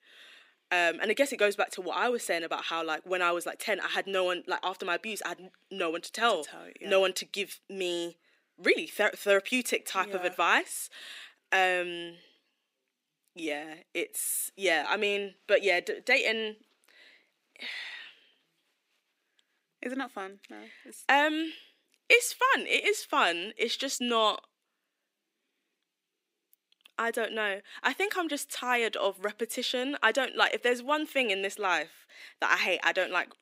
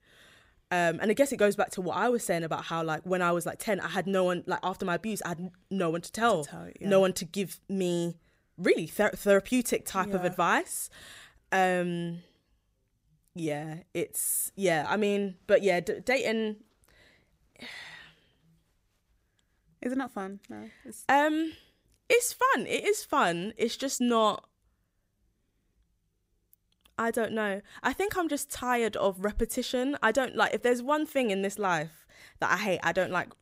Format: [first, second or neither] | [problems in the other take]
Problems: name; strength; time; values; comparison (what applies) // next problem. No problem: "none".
second | thin; very slightly; fading below 250 Hz